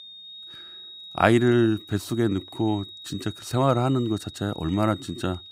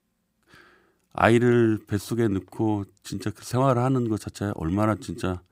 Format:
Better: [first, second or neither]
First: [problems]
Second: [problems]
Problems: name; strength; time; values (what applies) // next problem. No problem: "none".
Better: second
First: high-pitched whine; noticeable; throughout; 4 kHz, 15 dB below the speech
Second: none